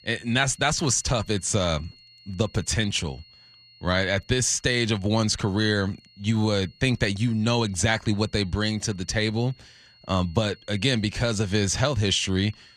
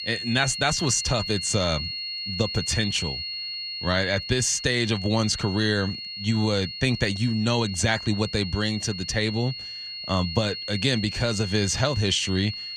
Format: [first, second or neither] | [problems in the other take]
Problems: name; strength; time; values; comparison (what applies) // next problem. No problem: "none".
first | high-pitched whine; loud; throughout; 4.5 kHz, 7 dB below the speech; faint in the first